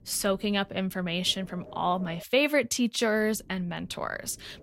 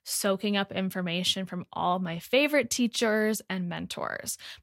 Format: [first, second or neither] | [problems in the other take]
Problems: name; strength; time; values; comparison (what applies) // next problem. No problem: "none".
second | wind noise on the microphone; occasional gusts; until 2 s and from 3 s on; 25 dB below the speech